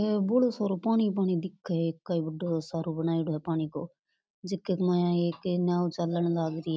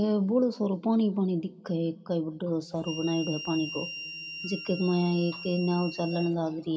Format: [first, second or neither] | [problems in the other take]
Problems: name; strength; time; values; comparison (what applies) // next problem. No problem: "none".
first | background sound (Harmonica); 12 dB below the speech // room echo; dies away in 2.1 s